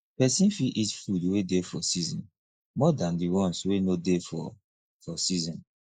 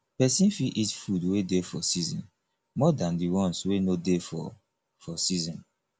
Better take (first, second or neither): second